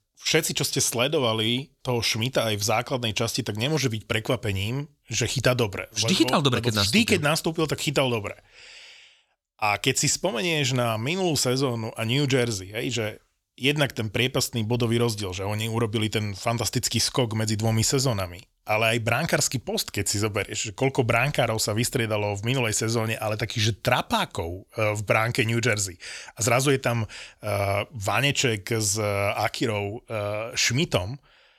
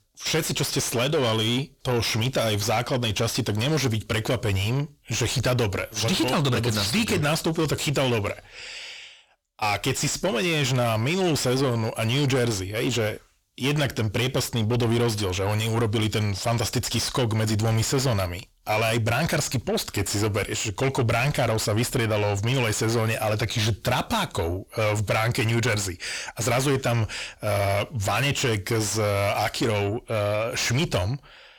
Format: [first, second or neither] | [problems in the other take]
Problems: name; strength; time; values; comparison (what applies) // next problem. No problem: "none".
first | distortion; heavy; 7 dB below the speech